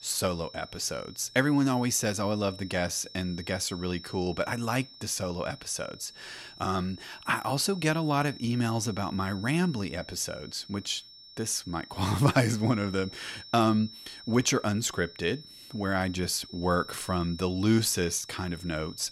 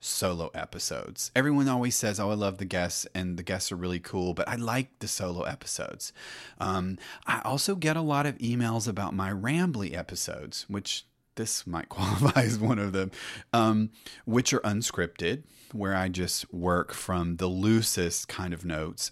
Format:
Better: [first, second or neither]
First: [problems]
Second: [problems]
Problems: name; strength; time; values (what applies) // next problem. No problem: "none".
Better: second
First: high-pitched whine; noticeable; throughout; 5.5 kHz, 15 dB below the speech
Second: none